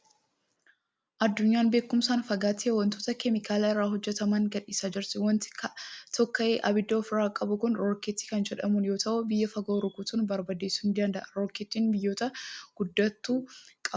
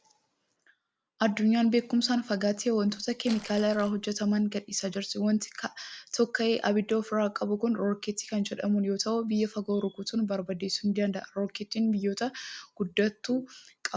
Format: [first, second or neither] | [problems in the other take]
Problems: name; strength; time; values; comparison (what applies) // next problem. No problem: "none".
first | background sound (Crumpling, crinkling); 20 dB below the speech